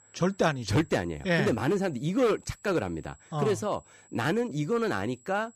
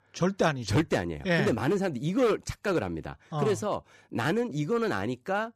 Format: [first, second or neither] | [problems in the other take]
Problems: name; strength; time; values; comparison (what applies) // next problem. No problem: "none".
second | high-pitched whine; faint; throughout; 7.5 kHz, 30 dB below the speech